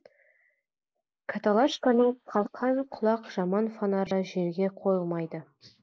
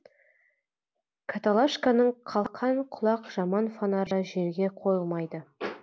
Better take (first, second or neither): second